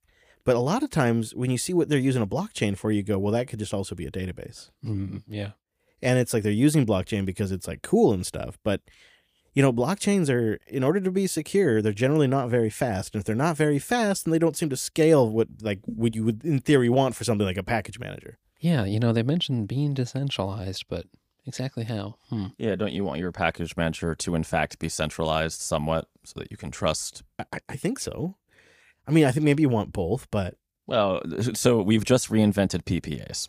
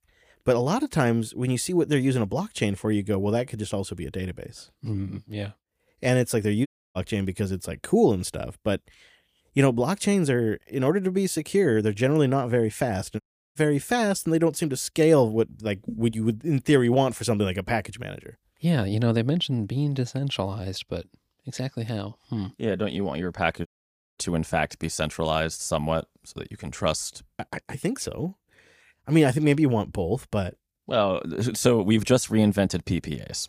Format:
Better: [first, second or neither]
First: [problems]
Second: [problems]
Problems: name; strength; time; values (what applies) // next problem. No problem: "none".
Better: first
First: none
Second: audio cutting out; at 6.5 s, at 13 s and at 24 s for 0.5 s